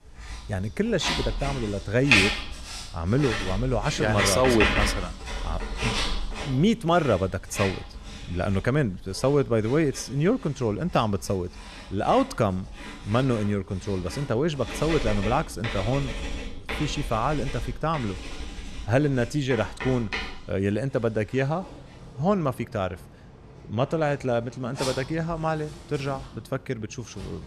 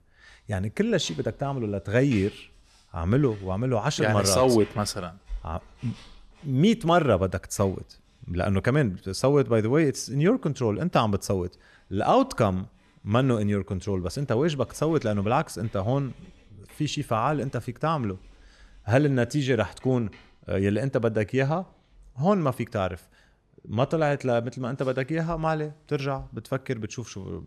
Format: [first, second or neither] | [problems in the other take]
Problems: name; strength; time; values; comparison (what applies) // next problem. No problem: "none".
second | household noises; loud; throughout; 4 dB below the speech; faint in the second